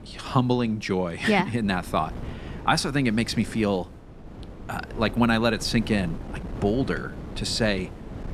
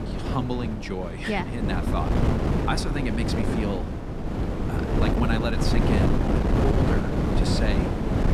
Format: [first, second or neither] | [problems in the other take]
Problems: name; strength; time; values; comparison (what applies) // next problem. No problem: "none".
first | wind noise on the microphone; heavy; 1 dB above the speech; occasional gusts in the first